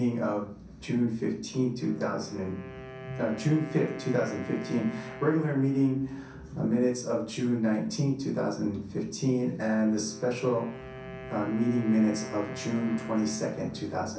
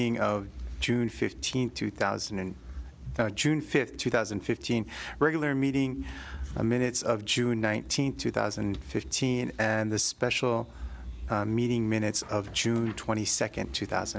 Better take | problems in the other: second | background sound (Wind instrument, woodwind instrument); 16 dB below the speech // room echo; dies away in 0.6 s

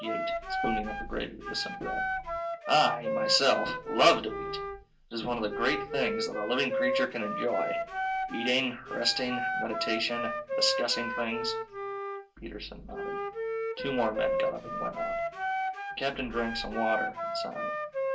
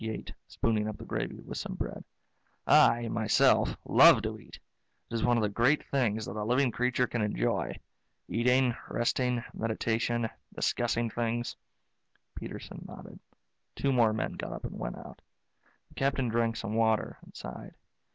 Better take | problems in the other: second | background sound (Wind instrument, woodwind instrument); 2 dB below the speech // room echo; dies away in 0.2 s

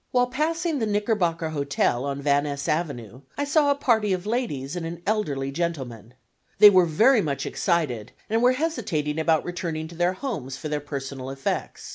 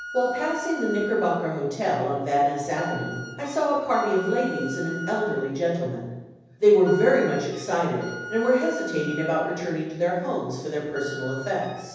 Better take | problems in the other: first | background sound (Wind instrument, woodwind instrument); 14 dB below the speech // room echo; dies away in 1.1 s

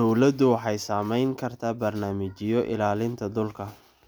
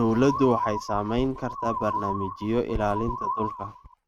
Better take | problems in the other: first | noise reduction (neural mask model RNNoise)

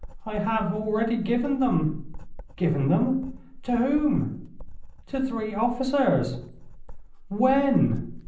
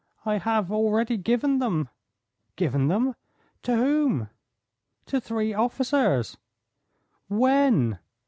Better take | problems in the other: second | background sound (Writing); 12 dB below the speech // room echo; dies away in 0.6 s

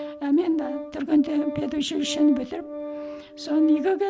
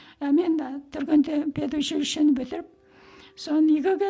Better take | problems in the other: second | background sound (Organ); 11 dB below the speech

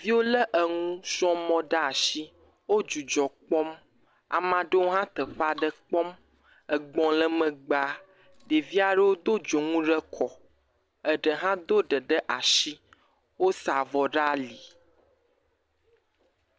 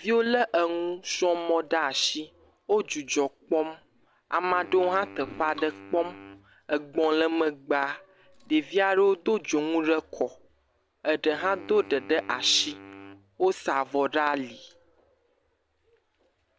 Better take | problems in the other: first | background sound (Wind instrument, woodwind instrument); 20 dB below the speech

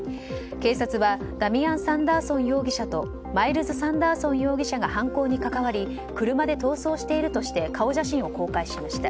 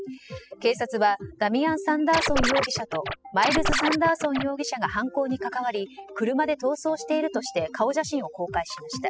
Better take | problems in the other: first | noise reduction (classical method spectral subtraction)

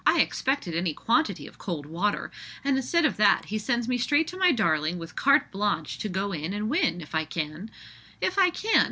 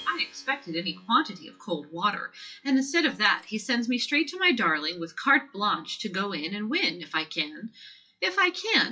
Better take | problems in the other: first | noise reduction (classical method WPE with log-MMSE)

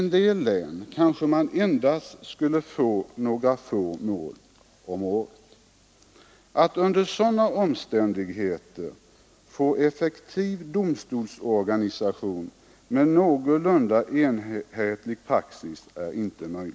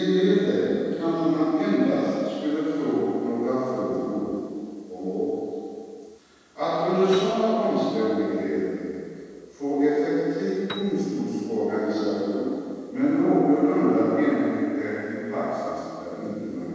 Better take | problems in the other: first | background sound (Piano); 17 dB below the speech // room echo; dies away in 2.1 s

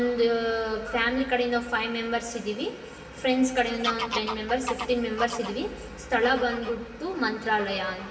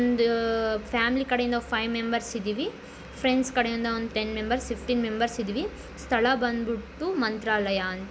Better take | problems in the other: second | background sound (Bird vocalization, bird call, bird song / Fowl); 12 dB below the speech // room echo; dies away in 1.4 s

